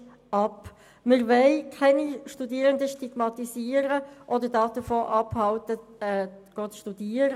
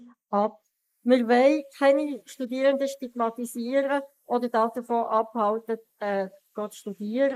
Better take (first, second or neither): first